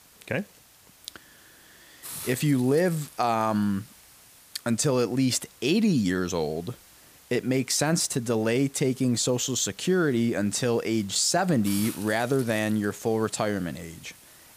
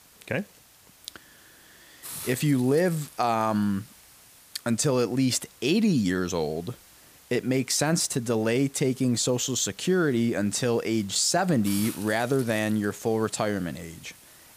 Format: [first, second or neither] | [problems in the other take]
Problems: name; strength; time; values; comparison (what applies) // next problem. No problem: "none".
neither | hiss; noticeable; throughout; 20 dB below the speech; the same in both